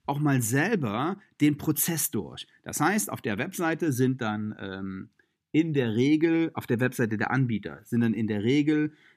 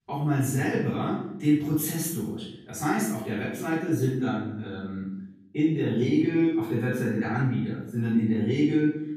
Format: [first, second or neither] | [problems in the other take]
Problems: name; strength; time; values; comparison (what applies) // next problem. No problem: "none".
first | off-mic speech; far // room echo; noticeable; dies away in 0.7 s